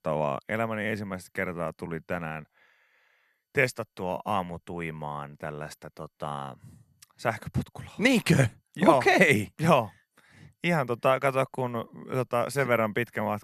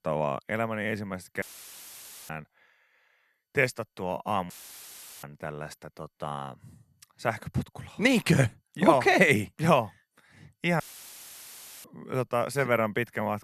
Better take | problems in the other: first | audio cutting out; filled with static; at 1.5 s for 1 s, at 4.5 s for 0.5 s and at 11 s for 1 s

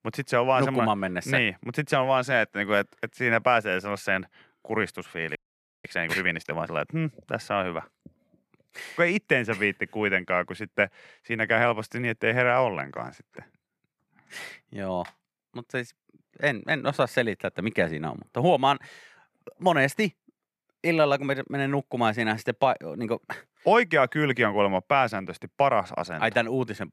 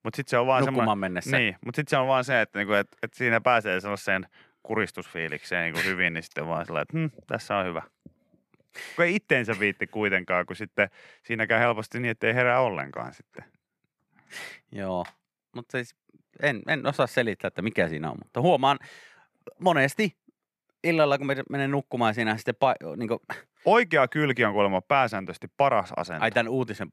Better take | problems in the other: second | audio freezing; at 5.5 s

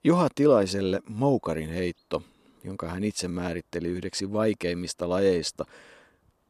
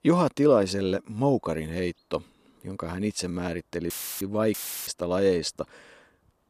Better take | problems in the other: first | audio cutting out; filled with static; at 4 s and at 4.5 s

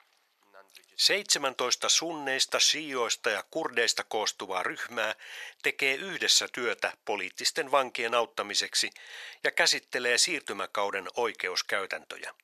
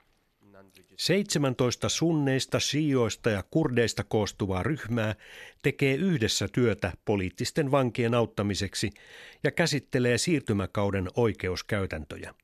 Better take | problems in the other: second | thin; very; fading below 800 Hz

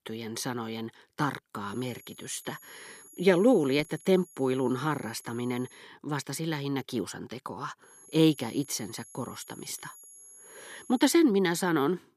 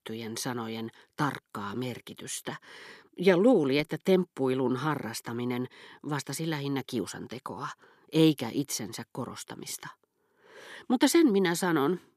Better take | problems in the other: second | high-pitched whine; faint; from 1.5 to 6 s and from 8 to 11 s; 11 kHz, 20 dB below the speech

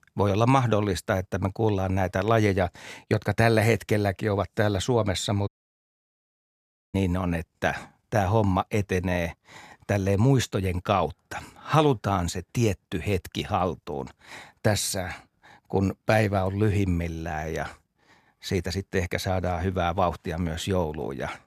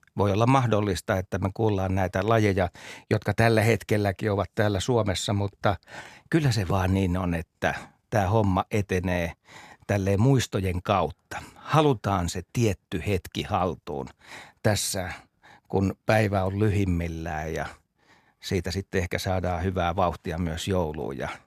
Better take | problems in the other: second | audio cutting out; at 5.5 s for 1.5 s

